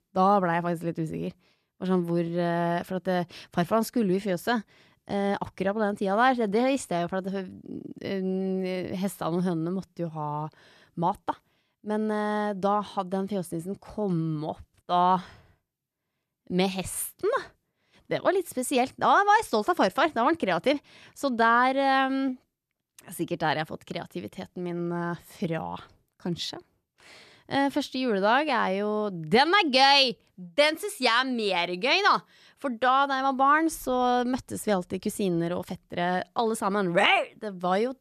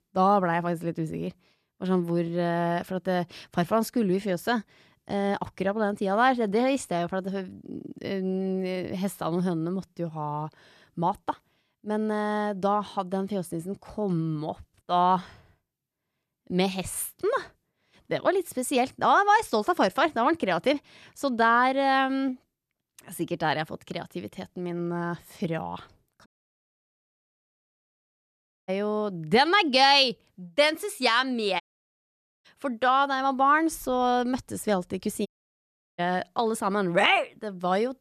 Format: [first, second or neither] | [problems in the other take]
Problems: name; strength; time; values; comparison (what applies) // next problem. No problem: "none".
first | audio cutting out; at 26 s for 2.5 s, at 32 s for 1 s and at 35 s for 0.5 s